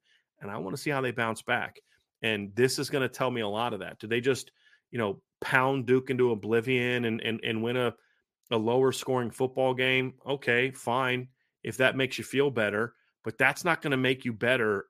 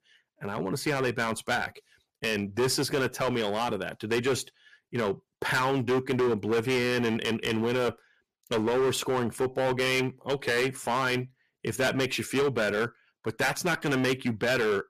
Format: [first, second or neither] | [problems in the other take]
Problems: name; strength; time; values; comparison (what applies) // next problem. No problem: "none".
first | distortion; heavy; 13% of the sound clipped